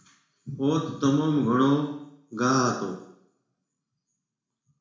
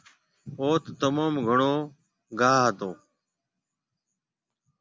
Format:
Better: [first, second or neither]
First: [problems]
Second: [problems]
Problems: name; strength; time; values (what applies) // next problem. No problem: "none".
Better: second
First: room echo; dies away in 0.6 s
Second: none